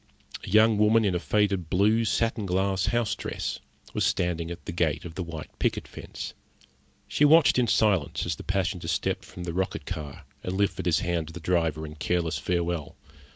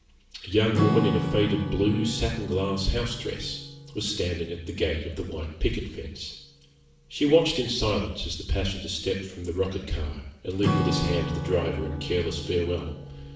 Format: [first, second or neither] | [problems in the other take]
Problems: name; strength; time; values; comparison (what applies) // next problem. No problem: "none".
first | background sound (Acoustic guitar / Strum); 6 dB below the speech // room echo; dies away in 0.7 s